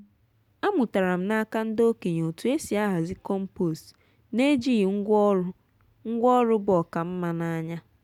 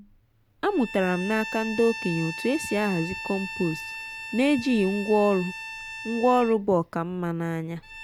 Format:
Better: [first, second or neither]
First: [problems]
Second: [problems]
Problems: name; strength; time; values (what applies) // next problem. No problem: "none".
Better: first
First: none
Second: background sound (Bowed string instrument); 12 dB below the speech